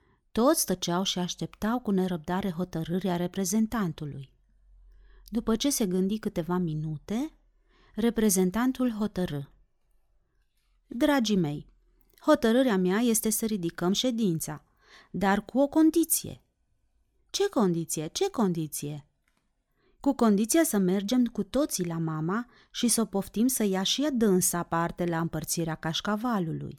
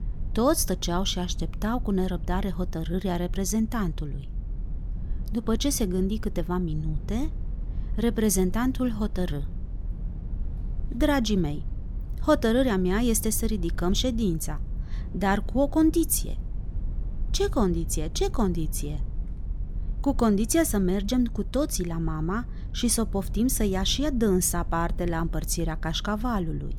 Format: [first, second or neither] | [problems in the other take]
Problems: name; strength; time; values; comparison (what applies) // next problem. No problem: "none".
first | low rumble; faint; throughout; 20 dB below the speech